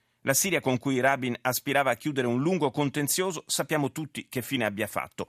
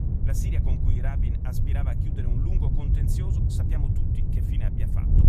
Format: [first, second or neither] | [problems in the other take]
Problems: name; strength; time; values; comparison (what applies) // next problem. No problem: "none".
first | wind noise on the microphone; heavy; 4 dB above the speech